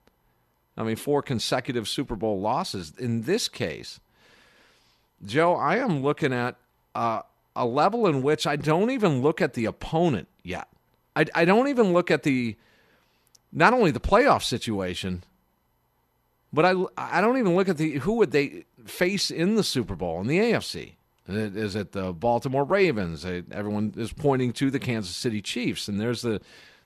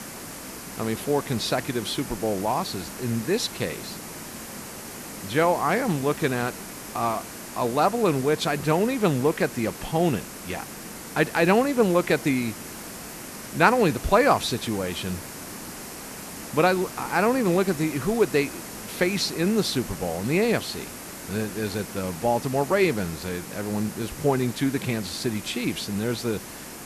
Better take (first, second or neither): first